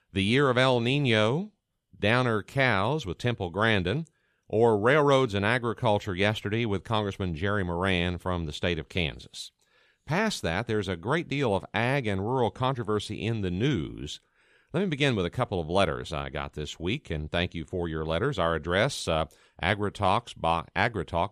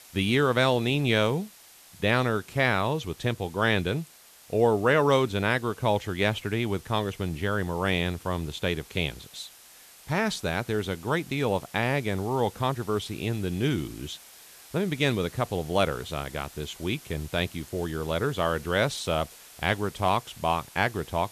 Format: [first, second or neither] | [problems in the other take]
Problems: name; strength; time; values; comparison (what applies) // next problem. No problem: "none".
first | hiss; faint; throughout; 20 dB below the speech